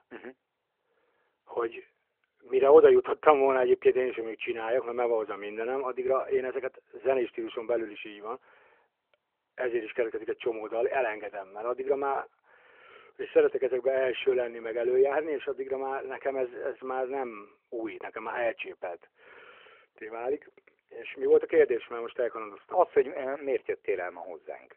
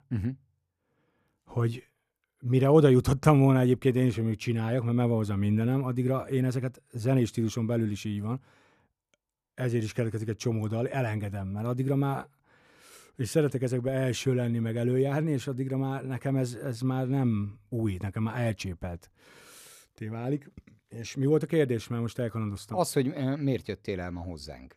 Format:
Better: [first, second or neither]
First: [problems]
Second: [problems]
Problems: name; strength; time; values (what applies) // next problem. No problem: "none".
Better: second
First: phone-call audio; nothing above 3 kHz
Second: none